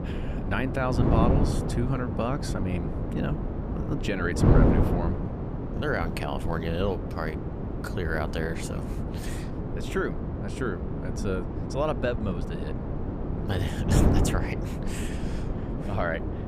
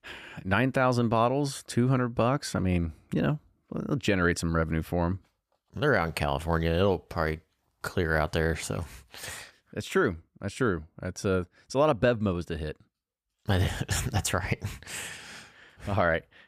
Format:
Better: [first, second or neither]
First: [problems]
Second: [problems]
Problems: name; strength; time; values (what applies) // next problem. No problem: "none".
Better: second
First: wind noise on the microphone; heavy; 3 dB below the speech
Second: none